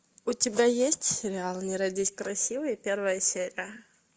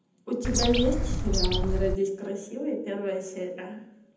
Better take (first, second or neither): first